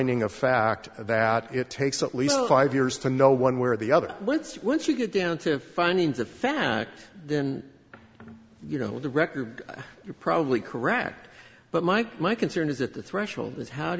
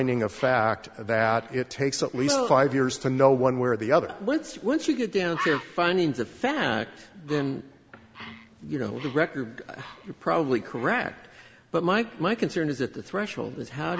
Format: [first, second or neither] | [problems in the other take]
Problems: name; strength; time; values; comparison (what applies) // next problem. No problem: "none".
first | background sound (Bird); 18 dB below the speech